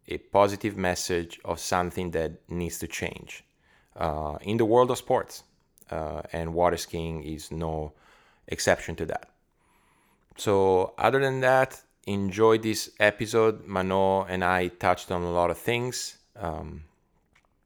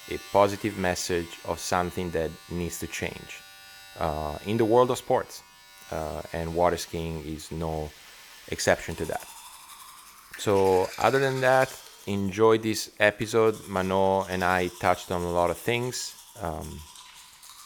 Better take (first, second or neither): first